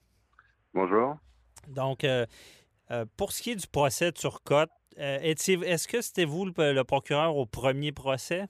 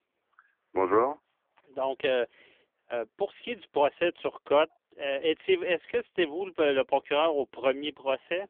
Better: first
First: none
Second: phone-call audio; poor line; nothing above 3.5 kHz

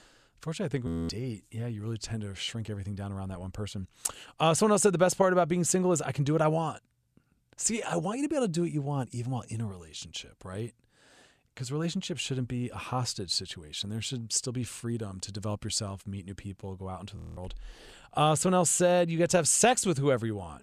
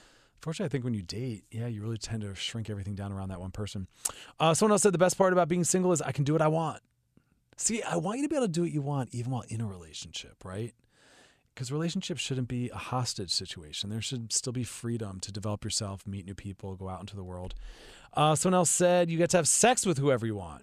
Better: second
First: audio freezing; at 1 s and at 17 s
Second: none

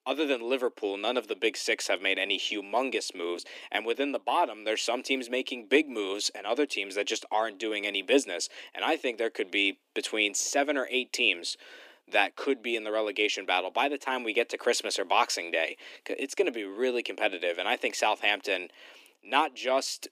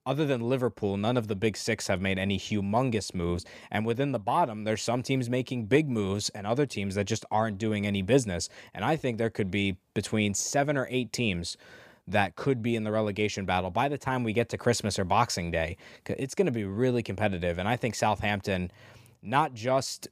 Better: second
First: thin; somewhat; fading below 300 Hz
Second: none

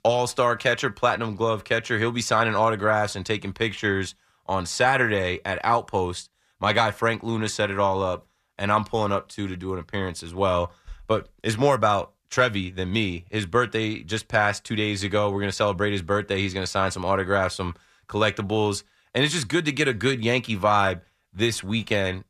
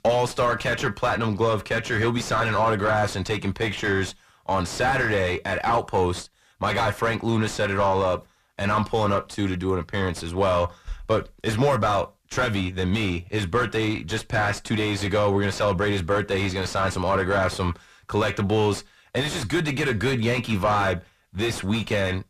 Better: first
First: none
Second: distortion; heavy; 5 dB below the speech

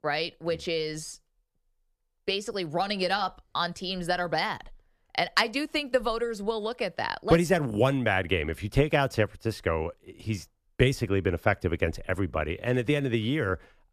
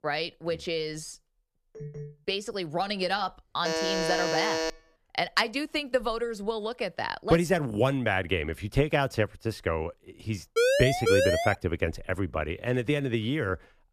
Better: first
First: none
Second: phone ringing; faint; at 2 s; peak 10 dB below the speech // alarm; loud; from 3.5 to 4.5 s; peak 1 dB above the speech // siren; loud; at 11 s; peak 5 dB above the speech

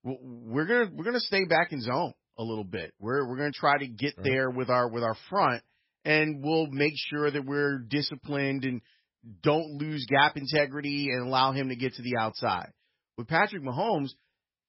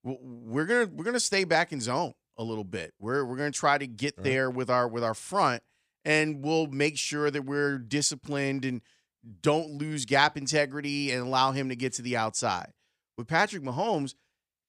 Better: second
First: garbled, watery; badly; nothing above 5.5 kHz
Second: none

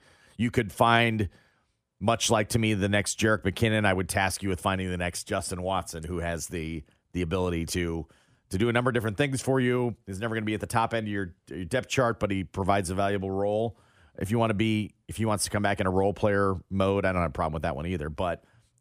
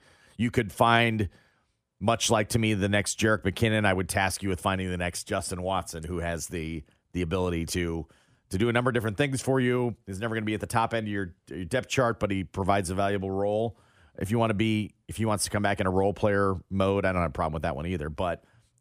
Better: neither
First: none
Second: none

